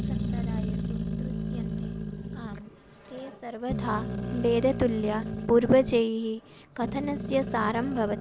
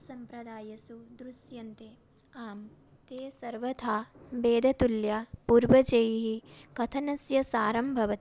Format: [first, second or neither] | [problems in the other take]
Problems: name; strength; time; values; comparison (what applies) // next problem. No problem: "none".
second | background sound (Growling); 4 dB below the speech